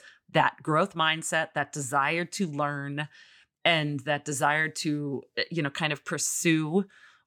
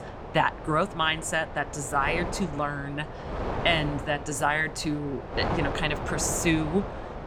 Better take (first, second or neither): first